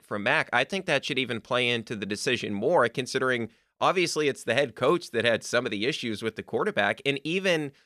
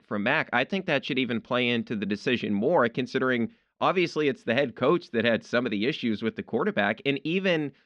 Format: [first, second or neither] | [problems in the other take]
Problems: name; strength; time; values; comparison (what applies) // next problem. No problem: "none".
first | muffled; very slightly; fading above 4 kHz